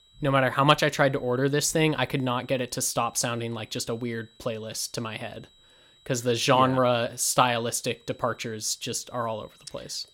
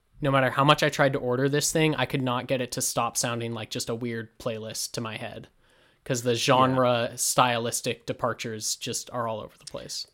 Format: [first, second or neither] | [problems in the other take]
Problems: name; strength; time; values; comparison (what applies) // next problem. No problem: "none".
second | high-pitched whine; faint; throughout; 4 kHz, 30 dB below the speech